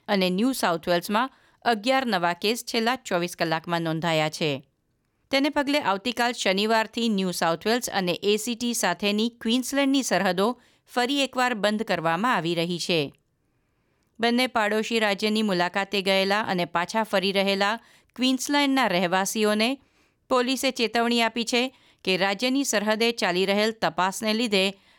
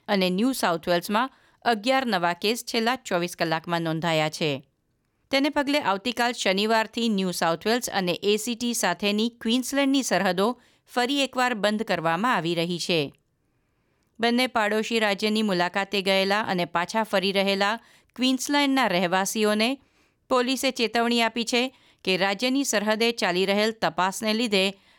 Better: neither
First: none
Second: none

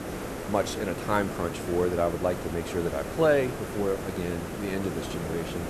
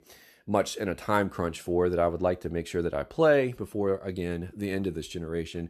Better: second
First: hiss; loud; throughout; 6 dB below the speech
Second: none

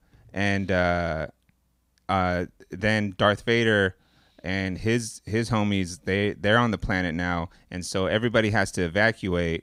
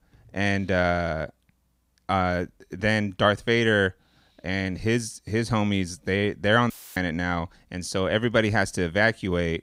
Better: first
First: none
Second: audio cutting out; filled with static; at 6.5 s

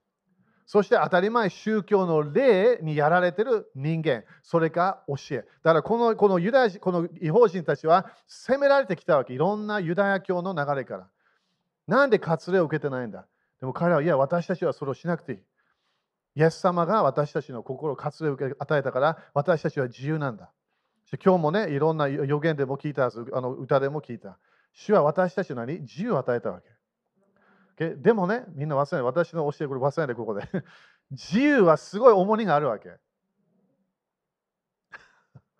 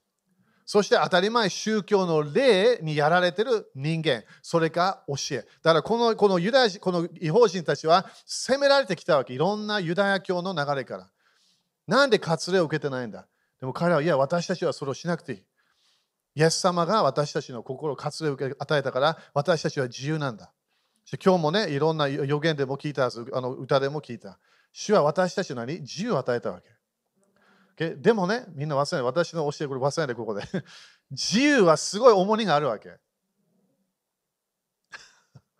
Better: second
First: muffled; slightly; fading above 3.5 kHz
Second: none

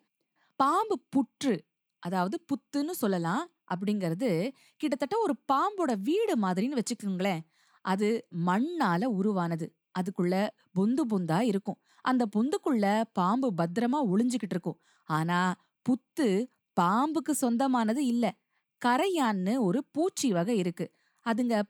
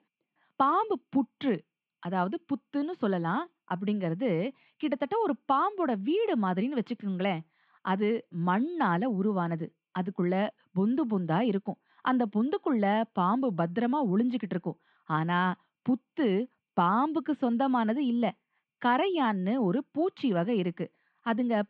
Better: first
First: none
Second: muffled; very; fading above 3 kHz

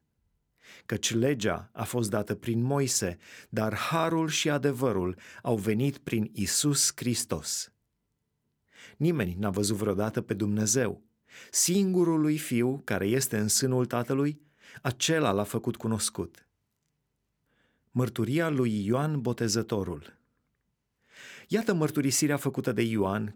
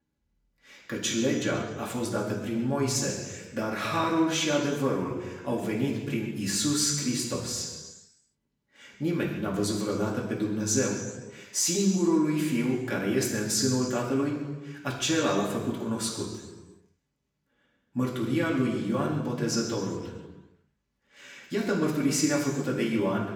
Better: first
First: none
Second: room echo; noticeable; dies away in 1.2 s // off-mic speech; far

